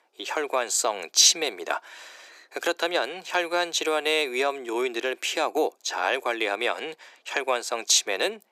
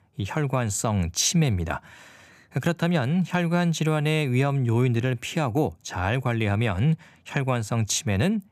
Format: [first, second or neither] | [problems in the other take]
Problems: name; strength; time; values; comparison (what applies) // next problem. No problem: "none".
second | thin; very; fading below 350 Hz